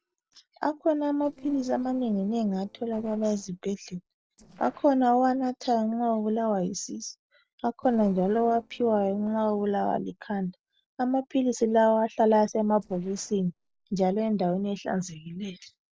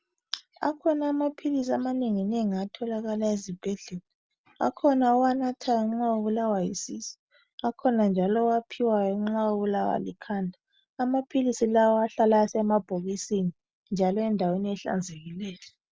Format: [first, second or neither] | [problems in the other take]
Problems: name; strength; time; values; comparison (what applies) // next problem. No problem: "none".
second | noise reduction (neural separator model SepFormer DNS4)